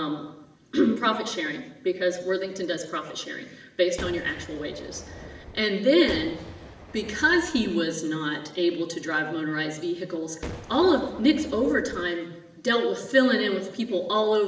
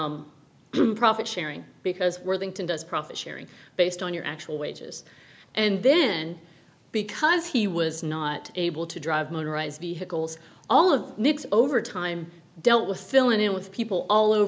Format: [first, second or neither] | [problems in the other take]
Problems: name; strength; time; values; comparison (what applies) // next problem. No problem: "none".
second | background sound (Boom); 15 dB below the speech // room echo; dies away in 0.9 s